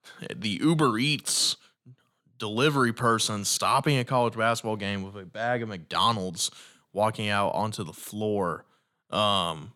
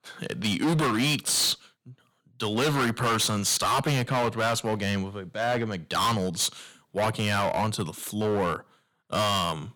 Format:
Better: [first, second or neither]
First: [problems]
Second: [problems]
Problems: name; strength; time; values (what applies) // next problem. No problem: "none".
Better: first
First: none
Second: distortion; heavy; 15% of the sound clipped